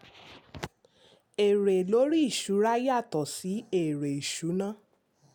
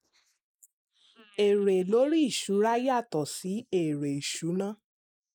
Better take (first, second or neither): first